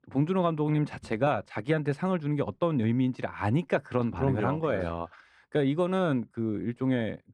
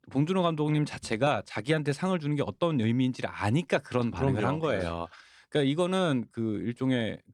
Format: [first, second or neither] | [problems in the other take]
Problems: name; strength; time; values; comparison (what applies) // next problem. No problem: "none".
second | muffled; slightly; fading above 3 kHz